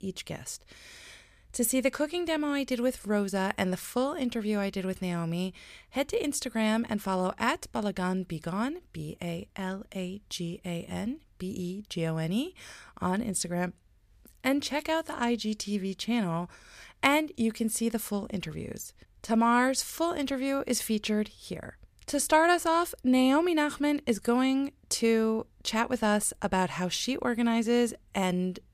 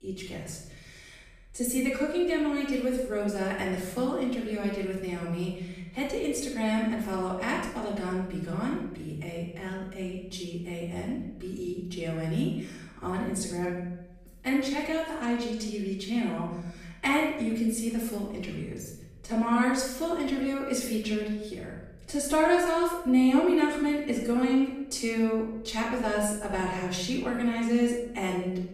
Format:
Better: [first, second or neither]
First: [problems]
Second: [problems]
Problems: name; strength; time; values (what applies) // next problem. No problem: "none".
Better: first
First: none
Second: off-mic speech; far // room echo; noticeable; dies away in 0.9 s